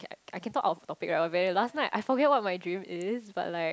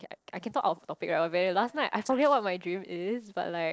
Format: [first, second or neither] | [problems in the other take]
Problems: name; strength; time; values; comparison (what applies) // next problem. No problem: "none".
first | noise reduction (neural separator model SepFormer DNS4)